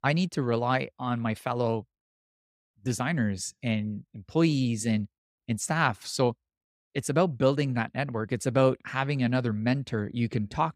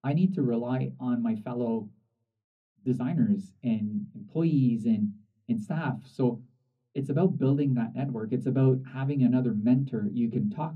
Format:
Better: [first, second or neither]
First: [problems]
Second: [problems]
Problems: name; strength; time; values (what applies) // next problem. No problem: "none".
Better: first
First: none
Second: room echo; slight; dies away in 0.3 s // off-mic speech; far